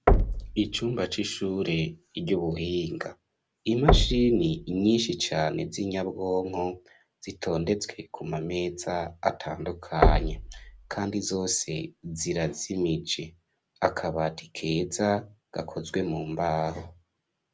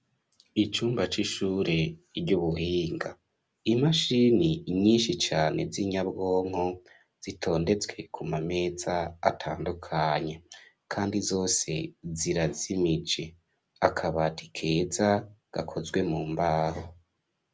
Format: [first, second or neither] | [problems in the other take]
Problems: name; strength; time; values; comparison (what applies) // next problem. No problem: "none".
second | background sound (Knock); as loud as the speech